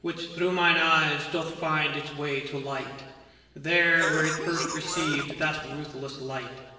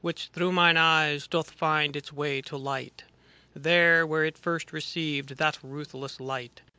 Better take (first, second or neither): second